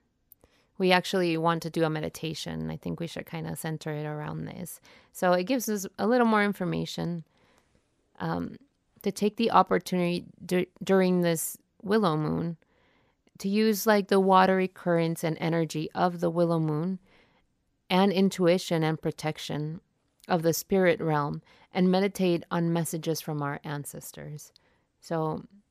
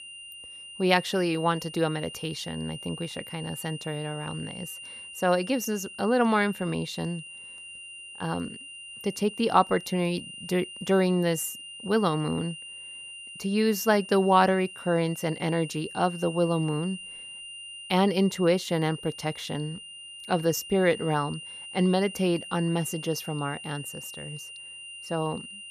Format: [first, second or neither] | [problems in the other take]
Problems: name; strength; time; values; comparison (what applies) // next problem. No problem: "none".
first | high-pitched whine; noticeable; throughout; 3 kHz, 15 dB below the speech